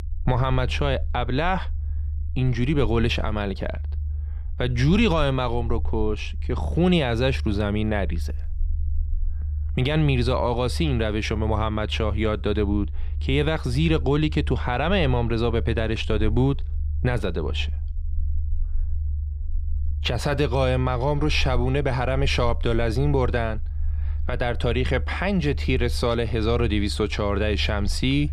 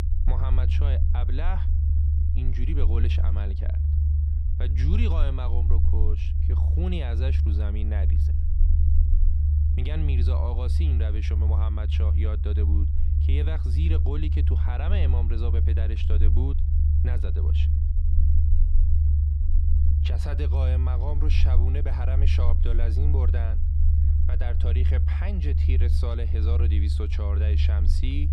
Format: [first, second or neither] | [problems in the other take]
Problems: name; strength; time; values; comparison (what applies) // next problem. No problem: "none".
first | low rumble; loud; throughout; 2 dB below the speech; faint in the first